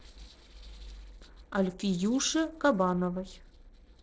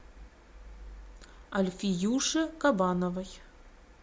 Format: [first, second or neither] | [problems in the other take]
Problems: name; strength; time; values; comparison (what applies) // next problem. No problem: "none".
second | noise reduction (neural separator model SepFormer DNS4)